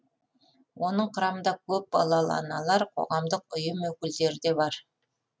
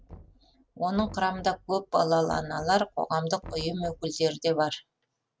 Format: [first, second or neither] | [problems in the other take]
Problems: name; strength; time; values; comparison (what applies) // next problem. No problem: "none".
first | background sound (Knock); 19 dB below the speech